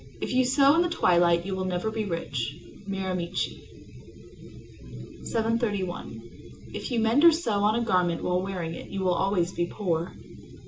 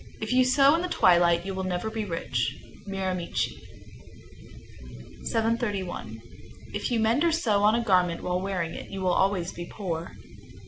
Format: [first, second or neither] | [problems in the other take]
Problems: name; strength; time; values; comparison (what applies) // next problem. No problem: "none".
second | room echo; dies away in 0.2 s